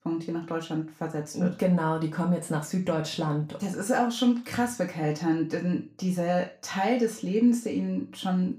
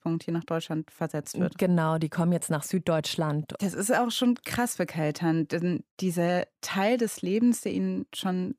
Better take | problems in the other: second | room echo; slight; dies away in 0.3 s // off-mic speech; far

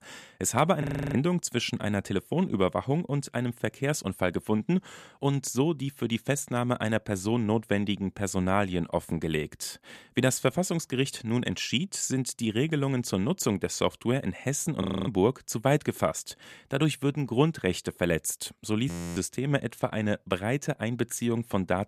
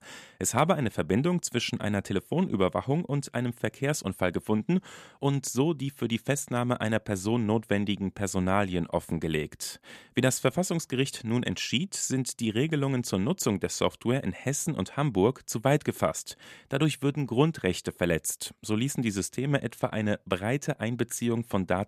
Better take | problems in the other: second | audio freezing; at 1 s, at 15 s and at 19 s

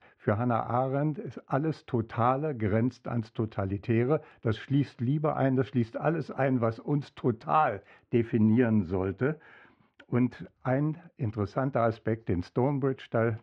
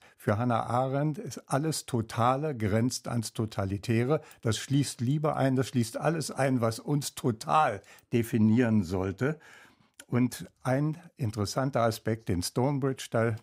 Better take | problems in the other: second | muffled; very; fading above 2.5 kHz

